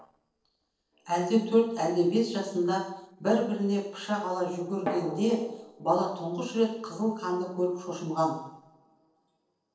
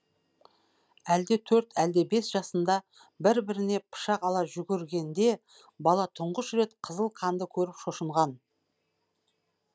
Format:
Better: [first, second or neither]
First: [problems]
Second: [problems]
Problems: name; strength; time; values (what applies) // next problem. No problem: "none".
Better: second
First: noise reduction (neural separator model SepFormer DNS4)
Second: none